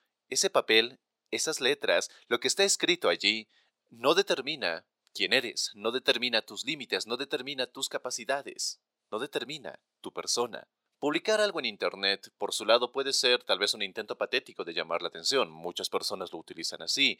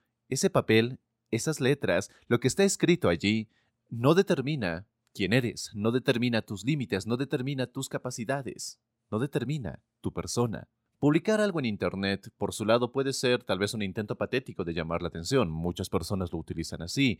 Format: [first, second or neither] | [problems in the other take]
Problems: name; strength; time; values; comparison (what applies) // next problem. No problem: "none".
second | thin; somewhat; fading below 550 Hz